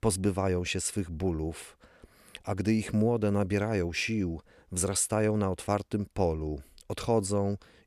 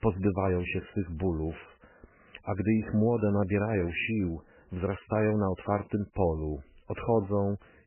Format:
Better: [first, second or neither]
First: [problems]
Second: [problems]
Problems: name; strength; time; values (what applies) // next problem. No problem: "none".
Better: first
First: none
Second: garbled, watery; badly; nothing above 3 kHz